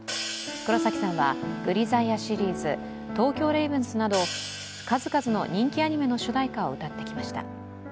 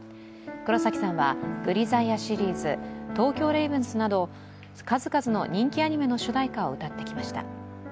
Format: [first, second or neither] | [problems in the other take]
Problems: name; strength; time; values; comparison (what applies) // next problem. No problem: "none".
second | background sound (Hi-hat); 13 dB below the speech